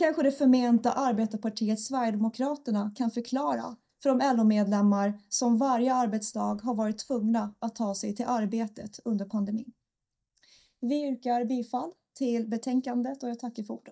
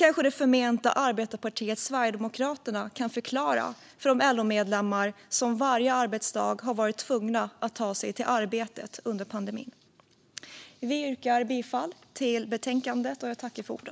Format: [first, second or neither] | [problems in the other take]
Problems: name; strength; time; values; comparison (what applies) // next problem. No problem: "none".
second | noise reduction (neural mask model DeepFilterNet 3)